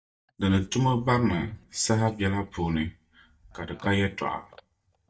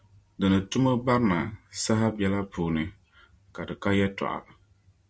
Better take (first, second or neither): second